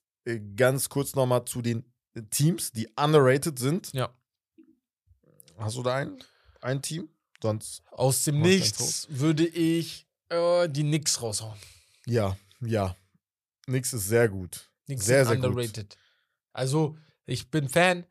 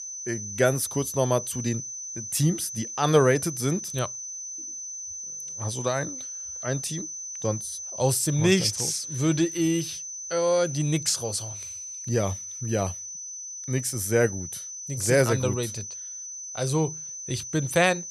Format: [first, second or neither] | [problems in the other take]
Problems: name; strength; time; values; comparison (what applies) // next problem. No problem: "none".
first | high-pitched whine; loud; throughout; 6 kHz, 8 dB below the speech